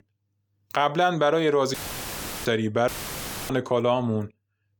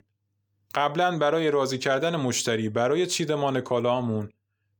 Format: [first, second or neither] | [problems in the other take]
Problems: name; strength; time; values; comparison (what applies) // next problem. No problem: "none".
second | audio cutting out; filled with static; at 1.5 s for 0.5 s and at 3 s for 0.5 s